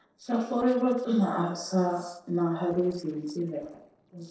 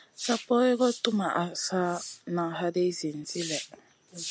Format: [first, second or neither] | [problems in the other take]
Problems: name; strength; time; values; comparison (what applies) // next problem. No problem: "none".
second | noise reduction (neural separator model SepFormer DNS4)